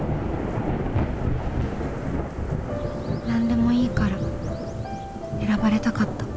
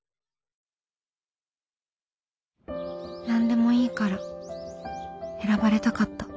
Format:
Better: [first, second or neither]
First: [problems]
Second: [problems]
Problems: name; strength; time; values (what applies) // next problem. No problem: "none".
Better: second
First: background sound (Thunder / Rain); as loud as the speech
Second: none